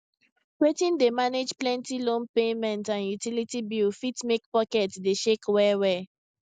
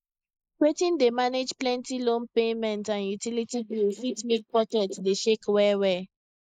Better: first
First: none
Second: noise reduction (neural mask model Resemble Enhance denoiser)

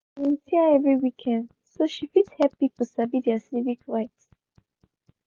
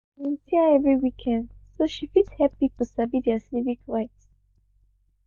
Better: first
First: none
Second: noise reduction (neural mask model DeepFilterNet 3)

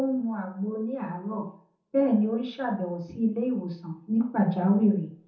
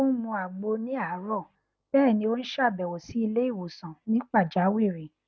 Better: second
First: room echo; dies away in 0.5 s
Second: none

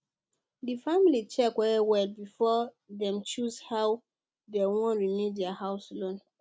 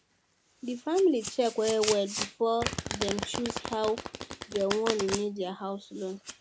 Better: first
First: none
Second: background sound (Domestic sounds, home sounds); 7 dB below the speech

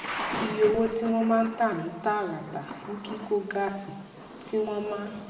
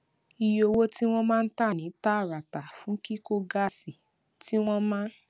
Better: second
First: background sound (Thunder / Rain); 10 dB below the speech // room echo; dies away in 1 s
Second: none

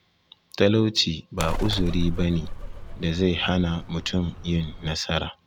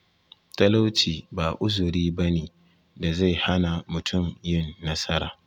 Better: second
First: background sound (Bird); 6 dB below the speech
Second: none

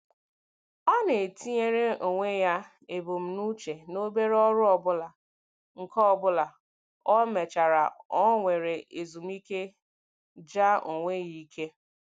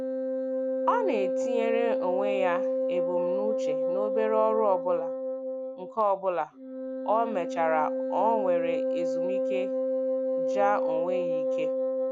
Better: first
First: none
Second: background sound (Wind instrument, woodwind instrument); 2 dB above the speech

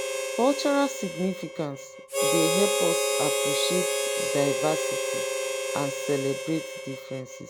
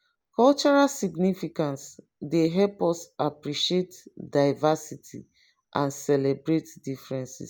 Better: second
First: background sound (Harmonica); 1 dB above the speech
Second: none

